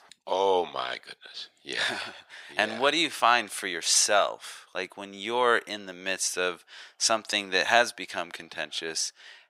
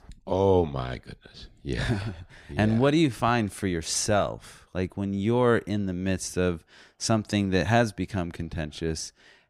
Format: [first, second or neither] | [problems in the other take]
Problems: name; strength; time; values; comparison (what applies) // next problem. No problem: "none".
second | thin; very; fading below 750 Hz